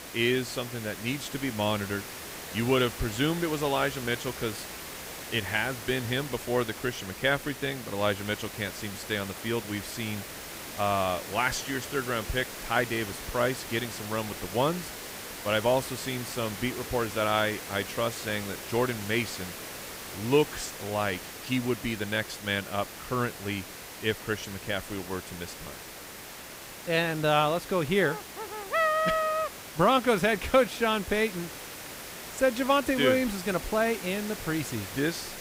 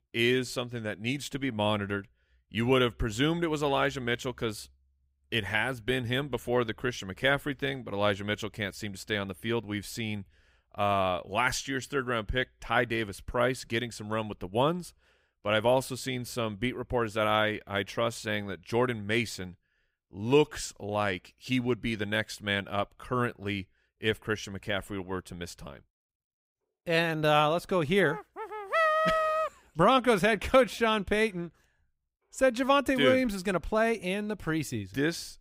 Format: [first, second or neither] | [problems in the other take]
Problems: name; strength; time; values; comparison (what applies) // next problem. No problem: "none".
second | hiss; loud; throughout; 10 dB below the speech